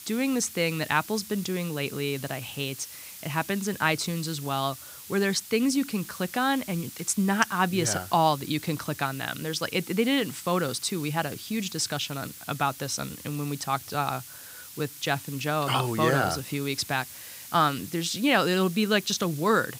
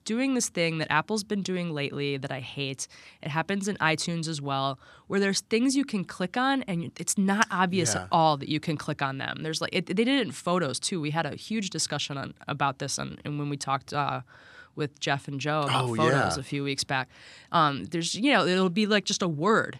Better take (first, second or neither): second